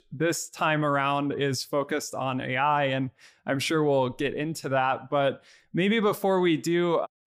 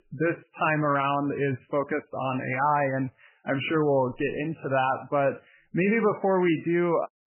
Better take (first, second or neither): first